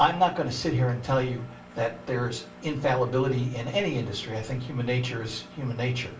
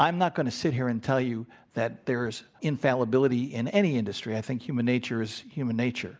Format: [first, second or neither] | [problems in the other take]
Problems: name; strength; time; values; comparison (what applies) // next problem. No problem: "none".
second | background sound (Engine); 19 dB below the speech // room echo; dies away in 0.3 s